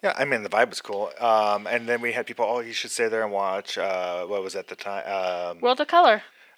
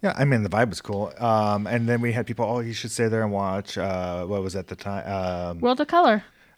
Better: second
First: thin; very; fading below 500 Hz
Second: none

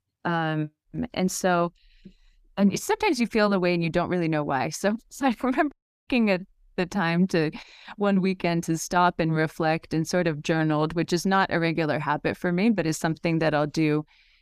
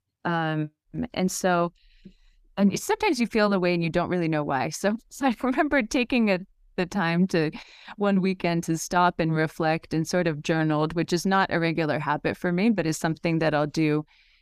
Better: second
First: audio cutting out; at 5.5 s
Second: none

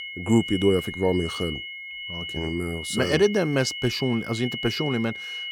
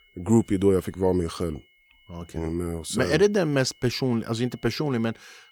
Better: second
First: high-pitched whine; loud; throughout; 2 kHz, 7 dB below the speech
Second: high-pitched whine; faint; throughout; 2 kHz, 30 dB below the speech

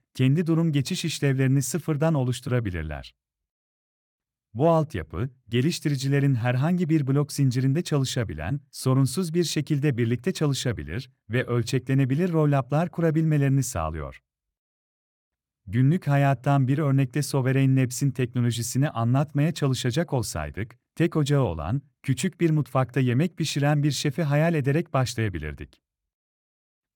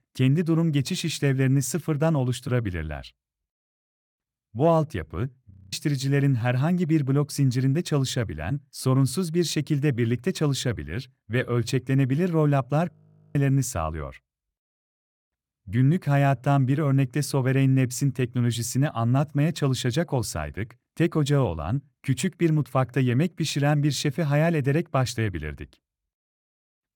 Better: first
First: none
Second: audio freezing; at 5.5 s and at 13 s

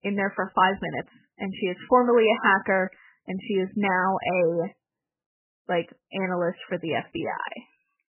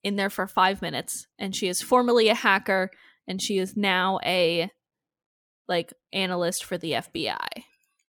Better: second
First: garbled, watery; badly; nothing above 3 kHz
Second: none

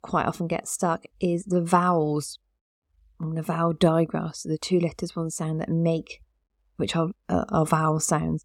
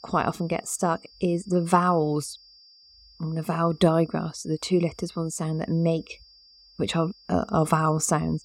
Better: first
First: none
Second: high-pitched whine; faint; throughout; 5 kHz, 25 dB below the speech

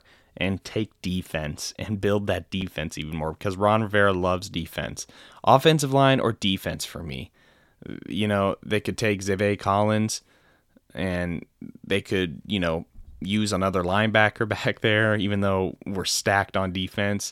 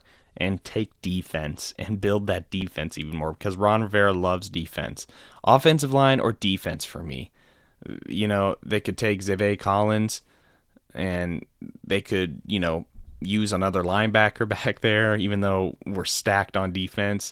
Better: first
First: none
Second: garbled, watery; slightly; nothing above 18.5 kHz

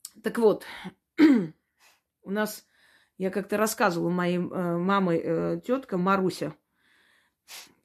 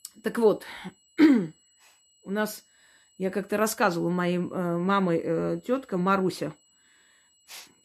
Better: first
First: none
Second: high-pitched whine; faint; throughout; 8 kHz, 35 dB below the speech

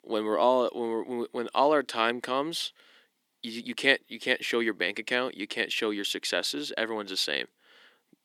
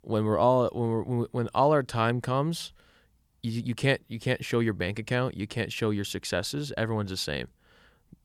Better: second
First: thin; somewhat; fading below 300 Hz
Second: none

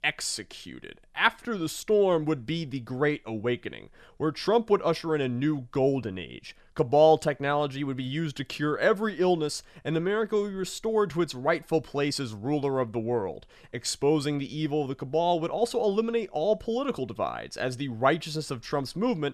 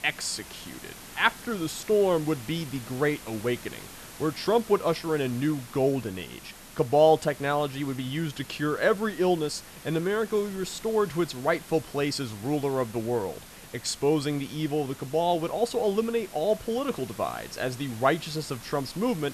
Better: first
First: none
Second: hiss; noticeable; throughout; 15 dB below the speech

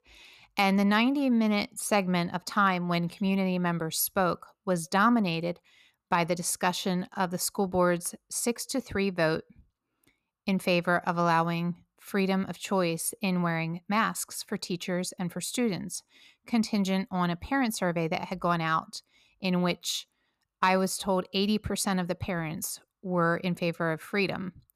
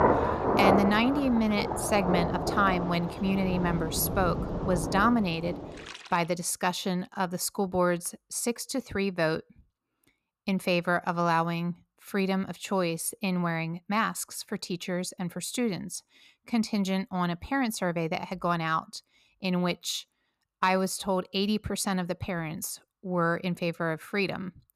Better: first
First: none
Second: rain or running water; loud; until 6 s; 1 dB below the speech

